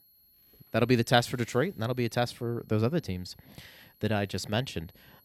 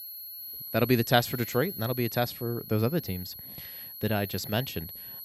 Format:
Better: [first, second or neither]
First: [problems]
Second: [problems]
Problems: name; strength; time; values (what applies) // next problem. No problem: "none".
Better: first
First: high-pitched whine; faint; throughout; 11.5 kHz, 30 dB below the speech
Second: high-pitched whine; loud; throughout; 11.5 kHz, 9 dB below the speech